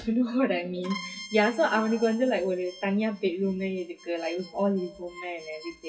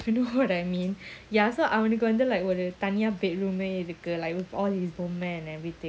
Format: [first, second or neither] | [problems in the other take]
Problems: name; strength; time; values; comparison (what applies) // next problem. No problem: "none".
second | noise reduction (classical method WPE with log-MMSE)